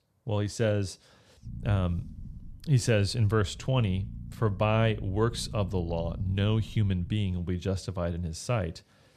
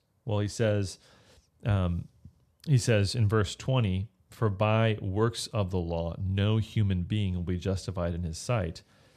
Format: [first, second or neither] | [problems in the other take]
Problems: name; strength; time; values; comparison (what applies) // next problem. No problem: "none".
second | low rumble; faint; from 1.5 to 7.5 s; 20 dB below the speech